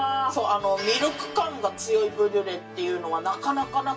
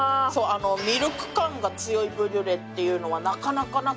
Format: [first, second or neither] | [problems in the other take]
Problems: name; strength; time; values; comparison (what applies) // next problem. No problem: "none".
second | room echo; dies away in 0.2 s